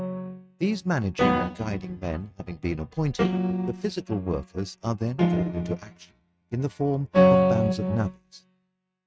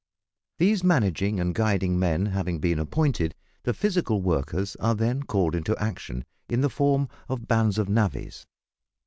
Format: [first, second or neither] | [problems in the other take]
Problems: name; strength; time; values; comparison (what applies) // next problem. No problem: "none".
second | noise reduction (neural mask model RNNoise)